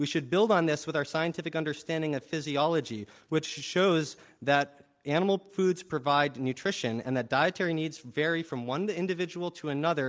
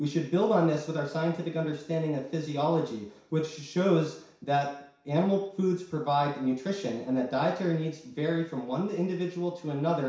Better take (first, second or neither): first